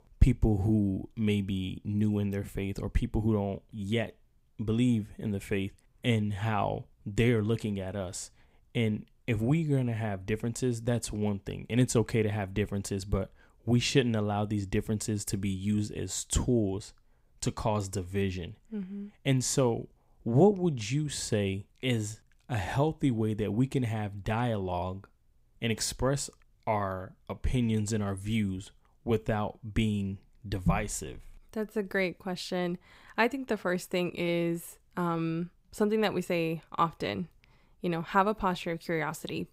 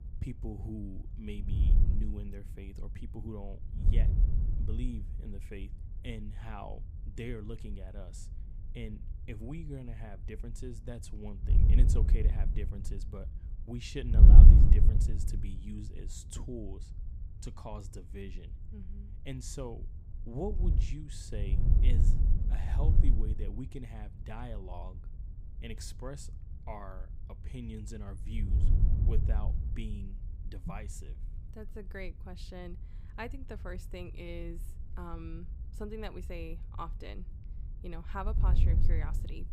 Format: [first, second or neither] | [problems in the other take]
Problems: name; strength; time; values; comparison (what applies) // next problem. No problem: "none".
first | wind noise on the microphone; heavy; 1 dB above the speech